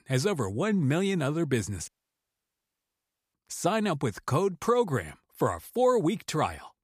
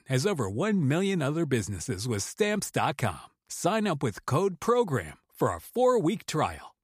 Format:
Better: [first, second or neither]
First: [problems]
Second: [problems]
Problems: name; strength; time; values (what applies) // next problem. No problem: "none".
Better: second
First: audio cutting out; at 2 s for 1.5 s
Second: none